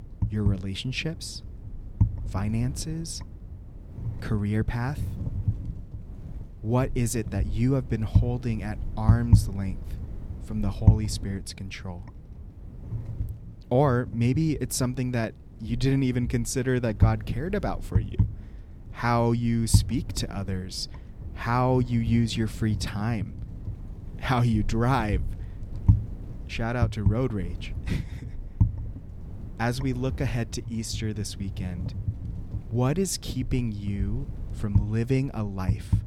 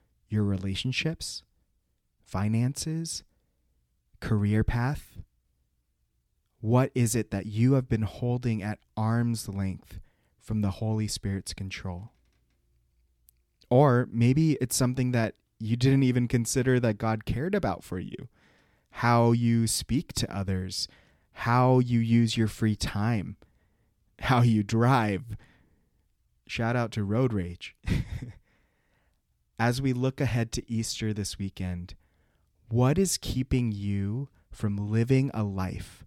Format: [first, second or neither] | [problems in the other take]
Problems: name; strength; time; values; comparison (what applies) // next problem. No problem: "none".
second | wind noise on the microphone; occasional gusts; 15 dB below the speech